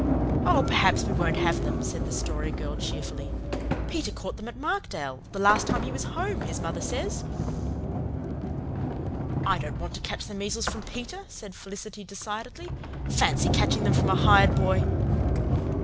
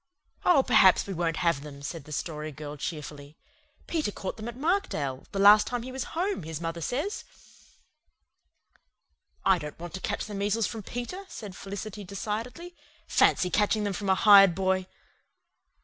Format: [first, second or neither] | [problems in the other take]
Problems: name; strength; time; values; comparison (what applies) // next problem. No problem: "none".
second | background sound (Sliding door); 3 dB above the speech